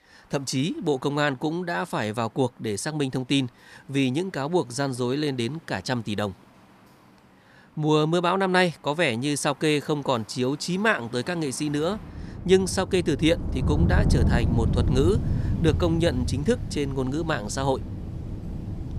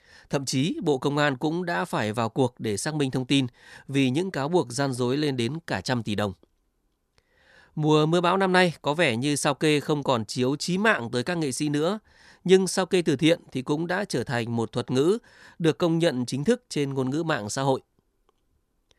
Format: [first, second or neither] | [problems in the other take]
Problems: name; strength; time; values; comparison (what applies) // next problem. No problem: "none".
second | rain or running water; loud; throughout; 3 dB below the speech